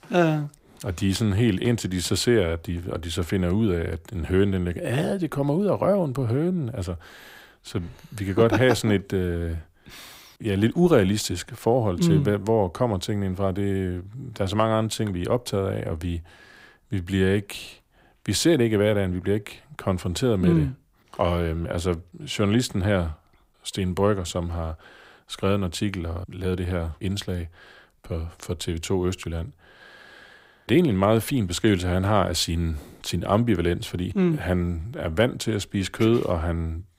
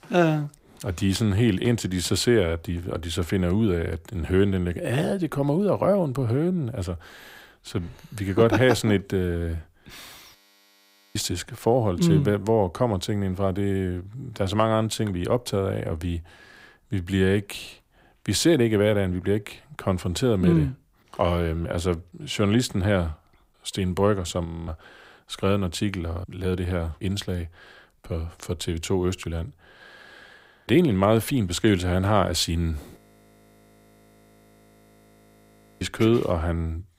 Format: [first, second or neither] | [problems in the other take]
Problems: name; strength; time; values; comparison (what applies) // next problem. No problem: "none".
first | audio freezing; at 10 s for 1 s, at 24 s and at 33 s for 3 s